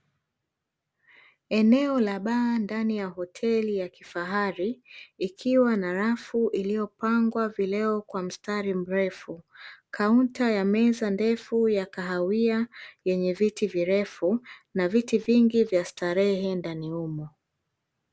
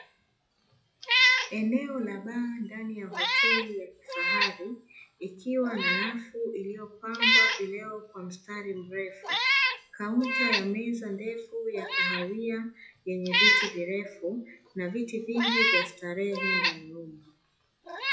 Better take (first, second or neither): first